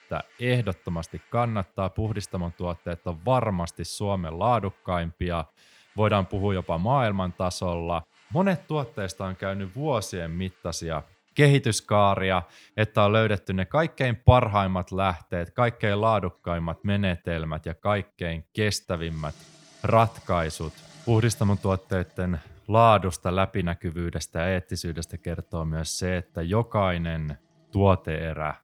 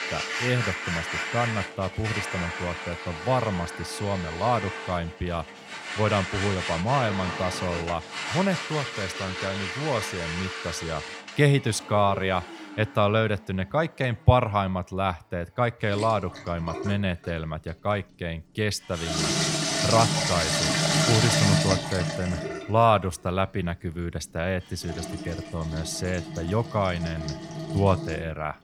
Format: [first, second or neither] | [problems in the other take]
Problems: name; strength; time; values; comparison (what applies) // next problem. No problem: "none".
first | household noises; loud; throughout; 2 dB below the speech; faint in the first